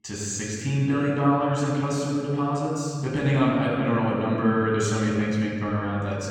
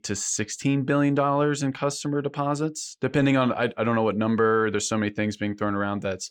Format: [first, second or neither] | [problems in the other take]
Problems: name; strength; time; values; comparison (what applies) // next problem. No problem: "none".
second | off-mic speech; far // room echo; strong; dies away in 2.7 s